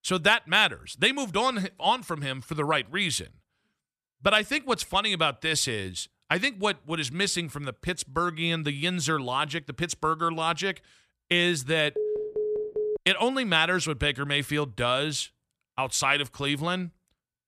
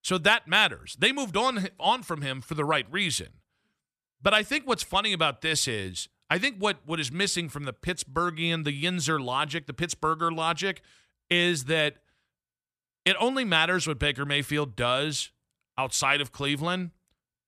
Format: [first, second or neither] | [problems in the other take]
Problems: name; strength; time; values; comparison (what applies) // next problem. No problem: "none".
second | phone ringing; noticeable; from 12 to 13 s; peak 4 dB below the speech